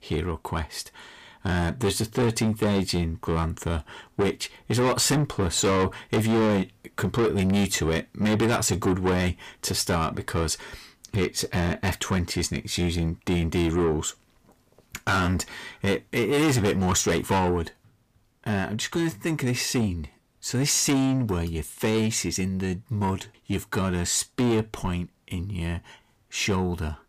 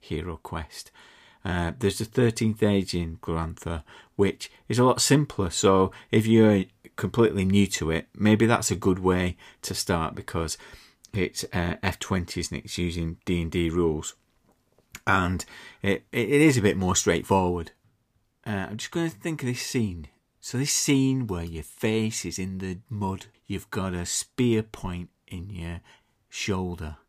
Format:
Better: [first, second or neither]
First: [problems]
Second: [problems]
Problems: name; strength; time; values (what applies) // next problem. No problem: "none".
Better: second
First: distortion; heavy; 6 dB below the speech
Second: none